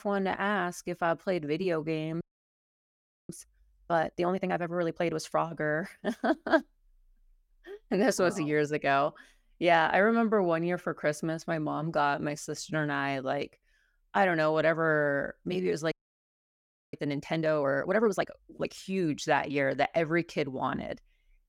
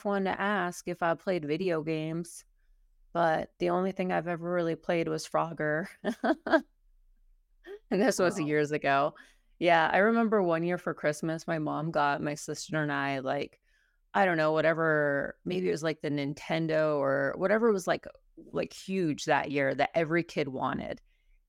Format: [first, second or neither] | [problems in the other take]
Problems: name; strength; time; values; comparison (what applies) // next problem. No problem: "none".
second | audio freezing; at 2 s for 1 s and at 16 s for 1 s